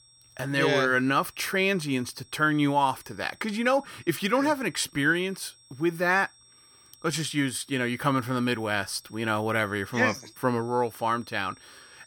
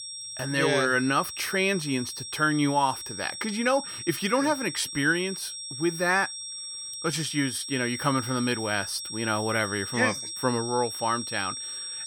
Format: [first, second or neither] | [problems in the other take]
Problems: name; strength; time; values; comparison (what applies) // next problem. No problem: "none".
first | high-pitched whine; loud; throughout; 5.5 kHz, 7 dB below the speech; faint in the first